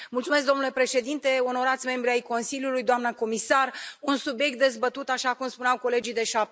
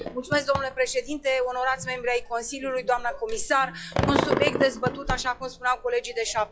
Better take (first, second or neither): first